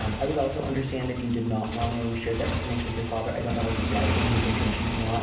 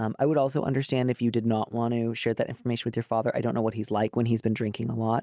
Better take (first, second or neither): second